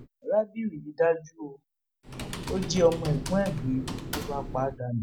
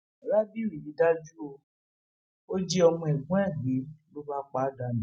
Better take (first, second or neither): second